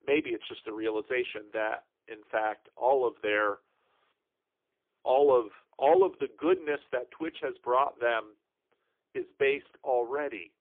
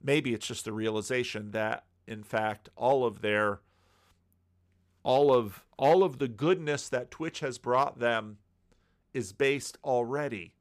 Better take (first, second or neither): second